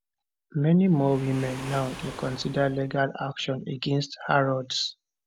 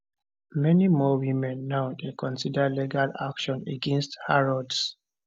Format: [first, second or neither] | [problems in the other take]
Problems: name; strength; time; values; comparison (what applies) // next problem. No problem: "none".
second | background sound (Waves, surf); 19 dB below the speech